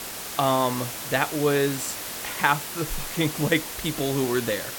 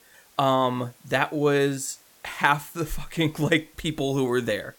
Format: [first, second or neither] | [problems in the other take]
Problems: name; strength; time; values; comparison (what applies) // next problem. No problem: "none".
second | hiss; loud; throughout; 6 dB below the speech; faint in the second